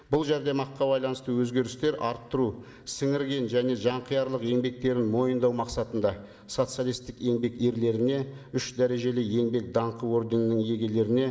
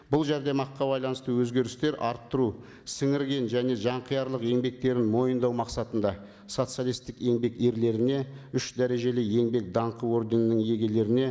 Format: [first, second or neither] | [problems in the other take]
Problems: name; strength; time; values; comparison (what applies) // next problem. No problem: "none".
second | room echo; dies away in 1 s